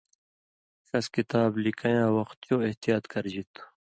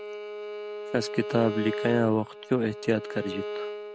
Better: first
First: none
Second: background sound (Bowed string instrument); 7 dB below the speech

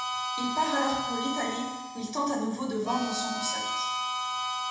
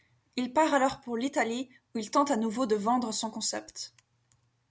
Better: second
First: background sound (Harmonica); 1 dB below the speech // room echo; dies away in 1 s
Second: none

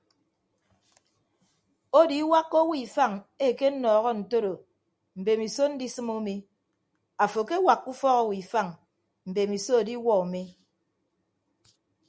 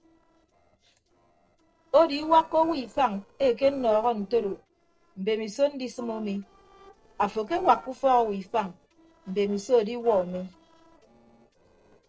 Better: first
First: none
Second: noise reduction (neural separator model SepFormer DNS4)

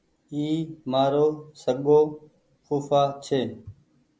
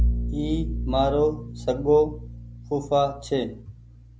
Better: first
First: none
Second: background sound (Bowed string instrument); 5 dB below the speech

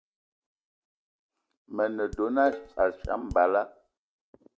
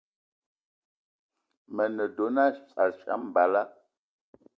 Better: second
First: background sound (Dishes, pots, and pans); 13 dB below the speech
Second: none

